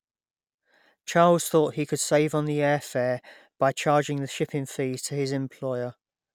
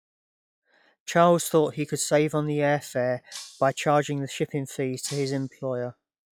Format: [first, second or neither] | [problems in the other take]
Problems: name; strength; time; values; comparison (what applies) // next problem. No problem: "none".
first | noise reduction (classical method log-MMSE)